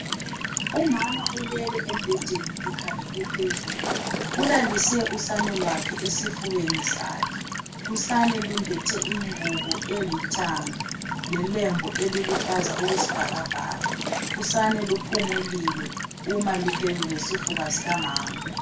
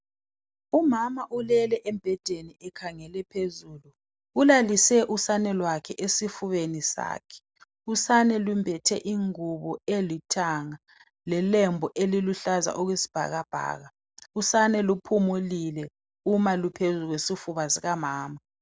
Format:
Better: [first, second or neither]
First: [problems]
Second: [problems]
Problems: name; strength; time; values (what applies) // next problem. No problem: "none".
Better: second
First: background sound (Walk, footsteps / Stream / Trickle, dribble / Chirp, tweet); 1 dB below the speech // room echo; dies away in 0.2 s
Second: none